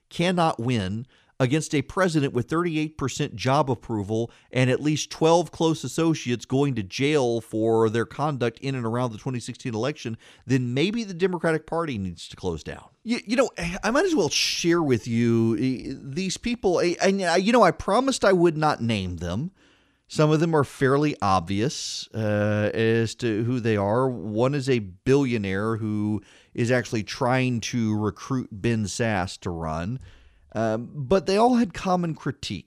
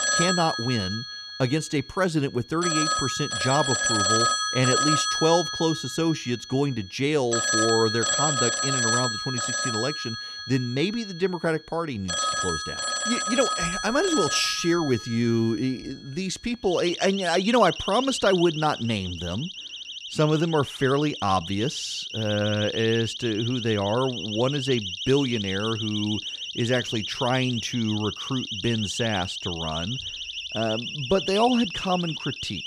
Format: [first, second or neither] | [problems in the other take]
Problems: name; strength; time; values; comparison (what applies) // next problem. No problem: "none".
first | alarms or sirens; loud; throughout; 2 dB below the speech